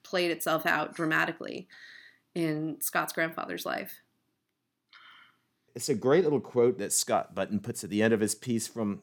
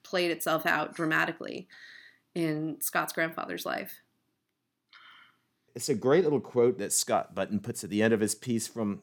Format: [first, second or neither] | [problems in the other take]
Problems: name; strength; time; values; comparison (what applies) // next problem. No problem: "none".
neither | none